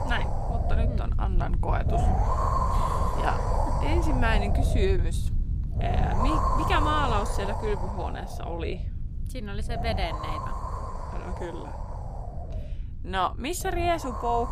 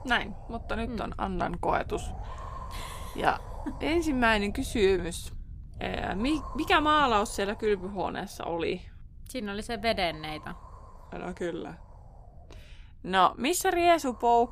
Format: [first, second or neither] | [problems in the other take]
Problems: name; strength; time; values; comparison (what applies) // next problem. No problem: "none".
second | wind noise on the microphone; heavy; 1 dB below the speech; occasional gusts in the second